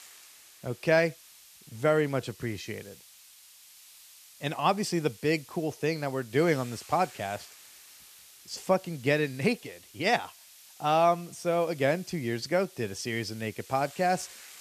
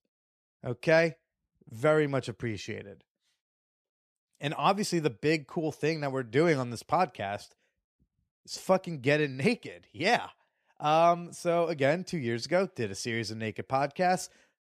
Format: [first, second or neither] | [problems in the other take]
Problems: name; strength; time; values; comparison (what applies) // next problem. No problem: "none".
second | hiss; faint; throughout; 20 dB below the speech